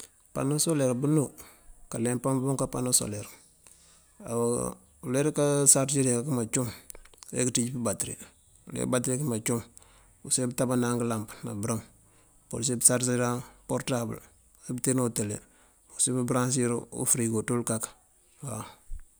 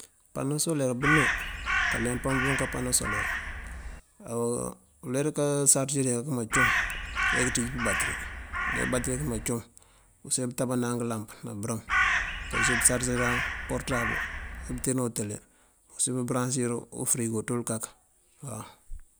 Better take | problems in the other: first | background sound (Crow); 1 dB above the speech

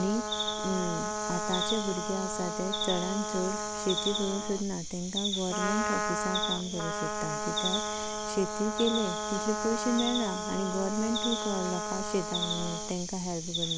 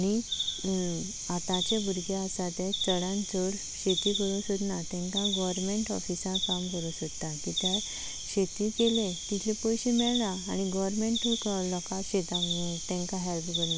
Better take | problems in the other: second | background sound (Trumpet); 4 dB below the speech

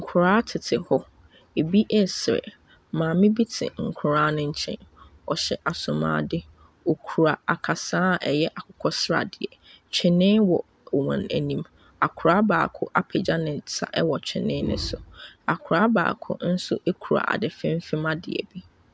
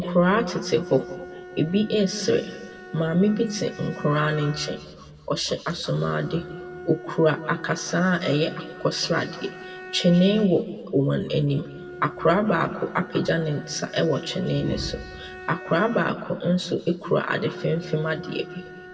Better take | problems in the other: first | background sound (Bowed string instrument); 17 dB below the speech // room echo; dies away in 1.4 s

